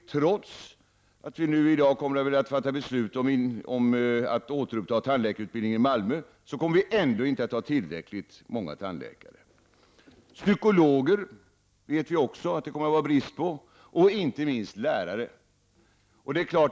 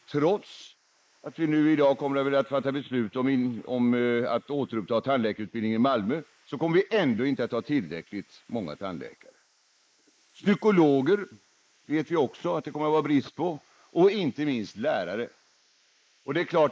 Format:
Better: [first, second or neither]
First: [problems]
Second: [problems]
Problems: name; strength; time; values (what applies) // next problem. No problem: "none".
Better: first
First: none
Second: noise reduction (neural mask model Resemble Enhance denoiser)